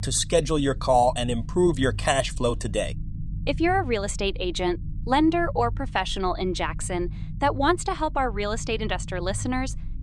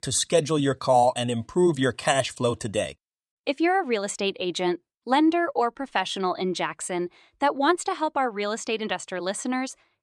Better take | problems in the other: second | low rumble; faint; throughout; 25 dB below the speech

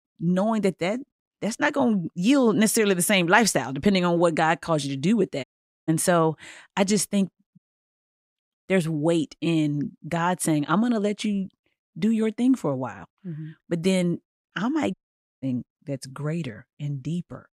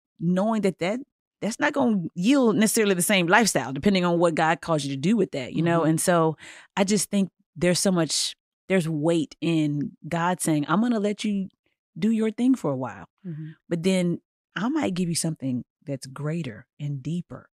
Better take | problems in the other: second | audio cutting out; at 5.5 s, at 7.5 s for 1 s and at 15 s

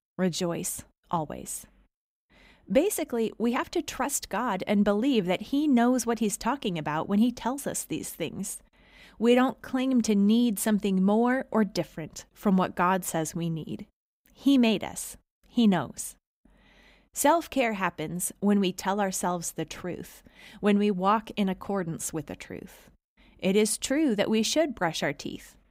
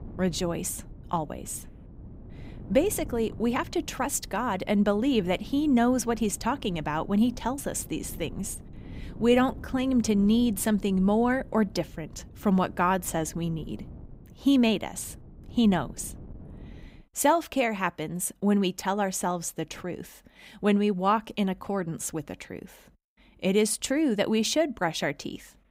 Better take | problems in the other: first | wind noise on the microphone; occasional gusts; until 17 s; 25 dB below the speech

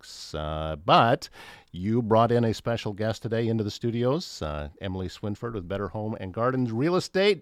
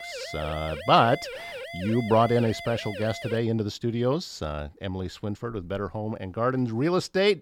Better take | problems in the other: first | siren; noticeable; until 3.5 s; peak 10 dB below the speech

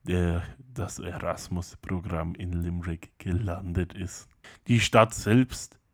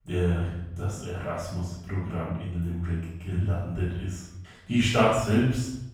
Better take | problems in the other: first | off-mic speech; far // room echo; noticeable; dies away in 0.7 s

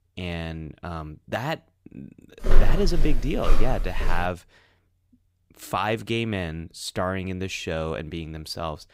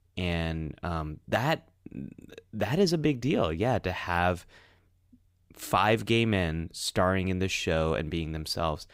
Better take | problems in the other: second | footsteps; loud; from 2.5 to 4 s; peak 5 dB above the speech

